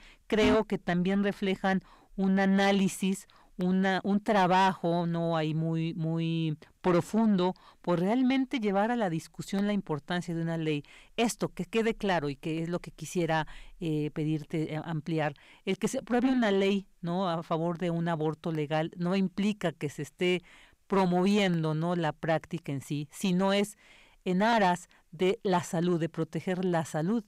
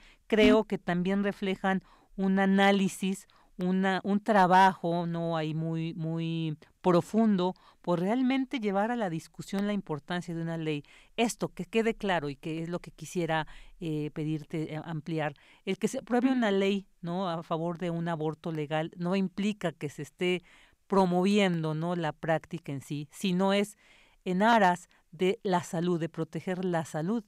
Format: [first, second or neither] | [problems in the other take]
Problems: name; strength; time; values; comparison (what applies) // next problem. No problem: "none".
second | distortion; slight; 10 dB below the speech